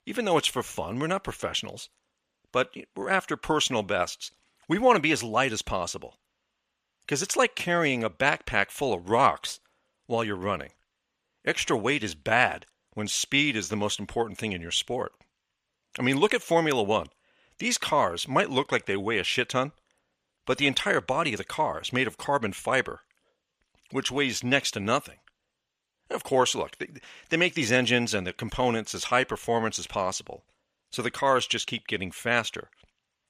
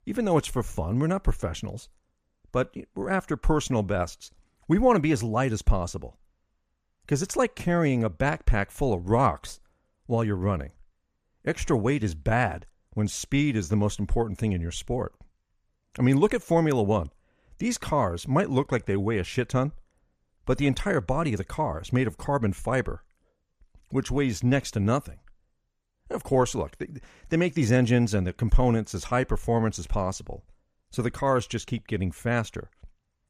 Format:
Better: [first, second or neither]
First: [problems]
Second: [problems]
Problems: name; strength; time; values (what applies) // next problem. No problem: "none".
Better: second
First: thin; somewhat; fading below 600 Hz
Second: none